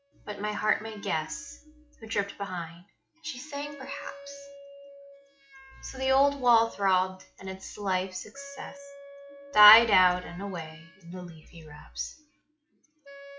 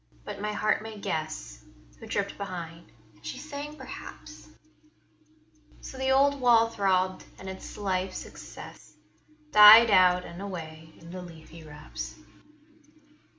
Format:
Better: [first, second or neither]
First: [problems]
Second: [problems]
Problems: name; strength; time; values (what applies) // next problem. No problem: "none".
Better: second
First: noise reduction (classical method log-MMSE)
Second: none